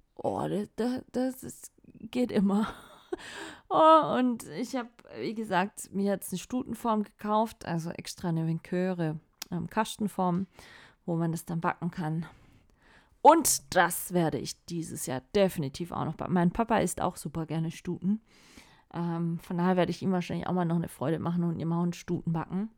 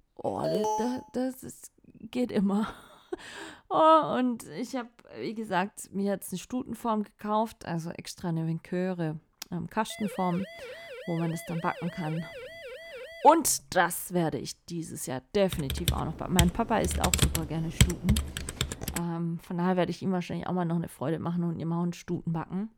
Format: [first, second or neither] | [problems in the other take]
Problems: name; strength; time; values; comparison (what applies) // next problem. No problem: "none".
first | alarm; loud; at 0.5 s; peak level with the speech // siren; faint; from 10 to 13 s; peak 10 dB below the speech // keyboard typing; loud; from 16 to 19 s; peak 5 dB above the speech